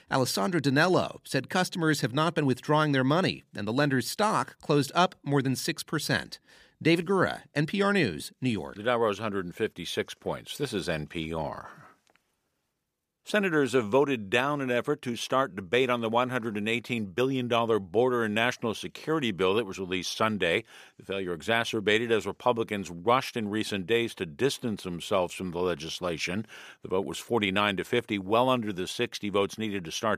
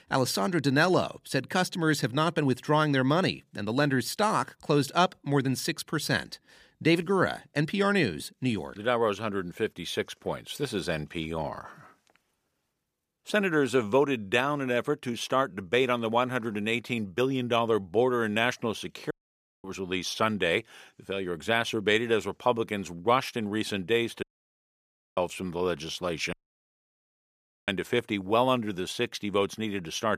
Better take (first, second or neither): first